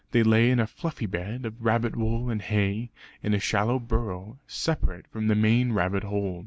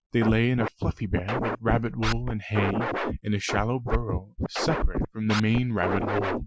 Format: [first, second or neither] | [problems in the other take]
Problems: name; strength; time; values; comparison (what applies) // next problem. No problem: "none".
first | noise reduction (classical method Wiener filter)